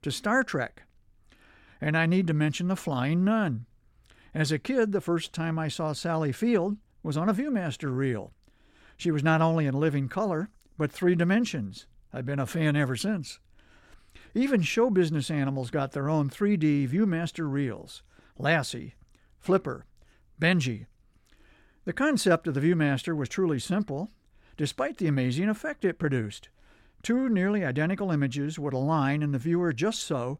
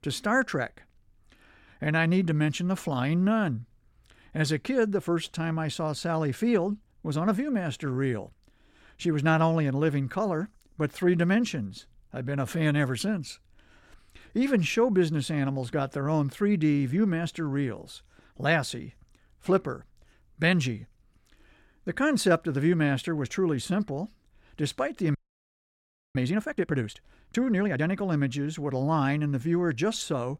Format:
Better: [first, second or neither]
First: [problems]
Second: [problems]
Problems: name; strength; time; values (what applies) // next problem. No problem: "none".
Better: first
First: none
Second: audio freezing; at 25 s for 1 s